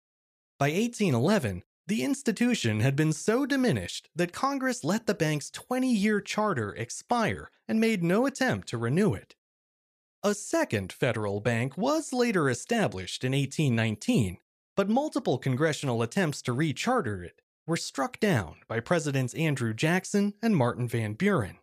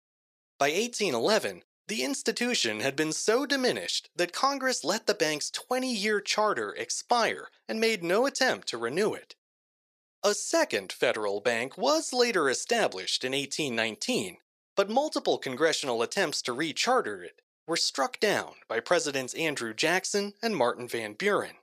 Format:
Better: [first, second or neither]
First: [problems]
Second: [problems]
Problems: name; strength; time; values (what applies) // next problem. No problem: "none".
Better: first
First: none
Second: thin; somewhat; fading below 450 Hz